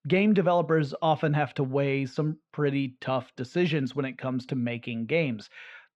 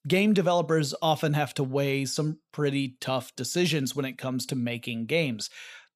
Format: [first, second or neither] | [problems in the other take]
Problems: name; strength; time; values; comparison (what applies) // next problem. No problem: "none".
second | muffled; very; fading above 2 kHz